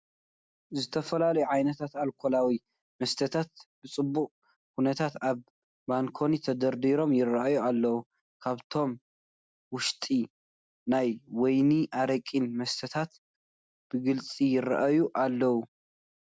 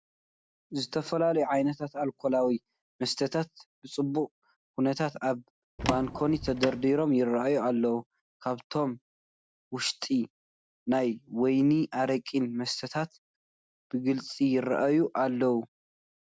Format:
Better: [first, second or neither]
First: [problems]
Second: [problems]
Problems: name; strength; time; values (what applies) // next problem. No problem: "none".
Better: first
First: none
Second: background sound (Door); 5 dB below the speech